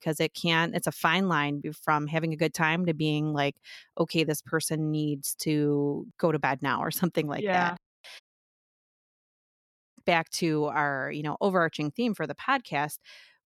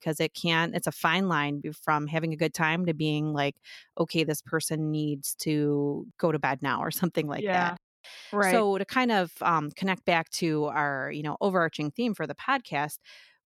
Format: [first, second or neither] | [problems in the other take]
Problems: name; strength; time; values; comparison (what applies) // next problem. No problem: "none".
second | audio cutting out; at 8 s for 2 s